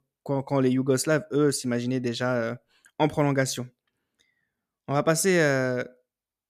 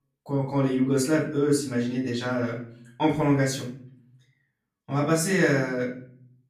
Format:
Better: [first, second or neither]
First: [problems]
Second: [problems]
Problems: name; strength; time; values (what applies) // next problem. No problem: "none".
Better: first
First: none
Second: off-mic speech; far // room echo; slight; dies away in 0.5 s